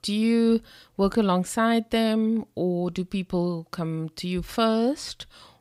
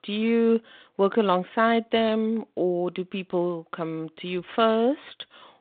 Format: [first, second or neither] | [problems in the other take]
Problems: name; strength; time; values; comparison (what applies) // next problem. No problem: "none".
first | phone-call audio